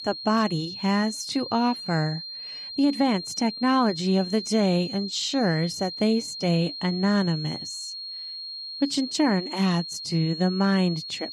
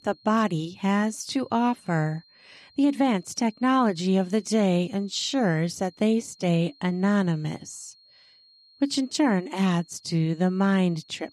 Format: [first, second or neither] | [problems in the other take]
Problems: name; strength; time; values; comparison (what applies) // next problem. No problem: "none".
second | high-pitched whine; loud; throughout; 4 kHz, 9 dB below the speech; faint in the second